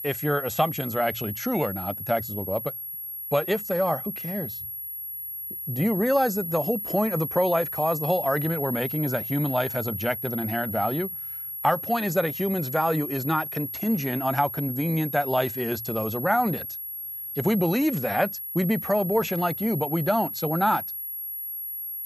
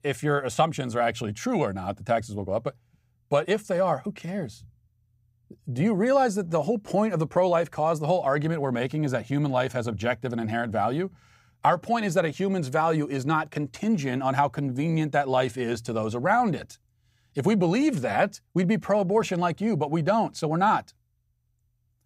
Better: second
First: high-pitched whine; loud; throughout; 11.5 kHz, 5 dB below the speech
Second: none

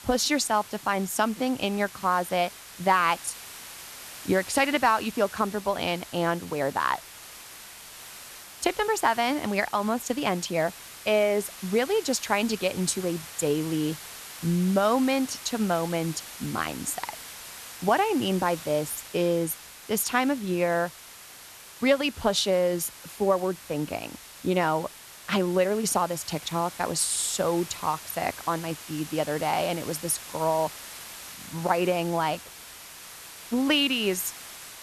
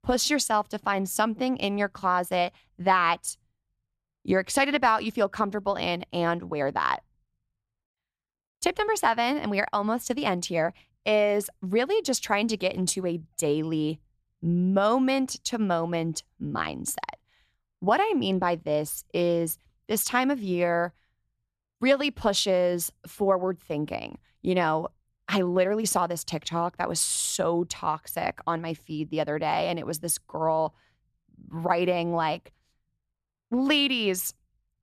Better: second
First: hiss; noticeable; throughout; 15 dB below the speech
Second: none

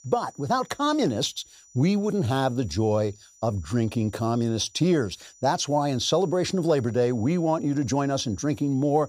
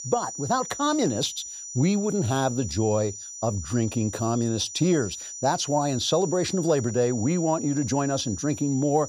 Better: first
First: high-pitched whine; faint; throughout; 6 kHz, 25 dB below the speech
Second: high-pitched whine; loud; throughout; 6 kHz, 10 dB below the speech

